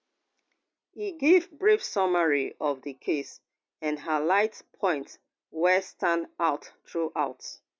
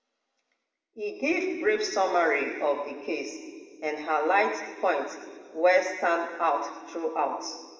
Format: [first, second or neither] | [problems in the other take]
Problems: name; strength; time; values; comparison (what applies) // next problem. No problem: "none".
first | room echo; dies away in 1.7 s